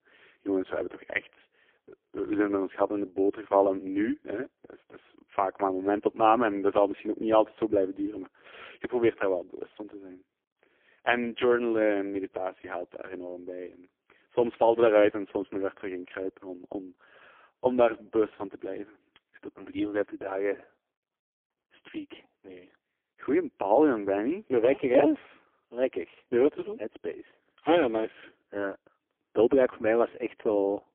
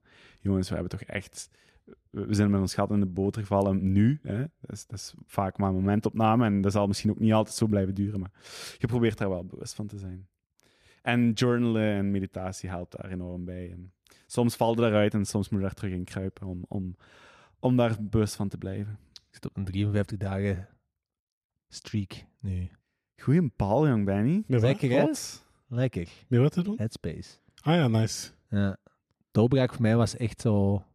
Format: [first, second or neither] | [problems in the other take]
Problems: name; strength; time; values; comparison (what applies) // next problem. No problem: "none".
second | phone-call audio; poor line; nothing above 3.5 kHz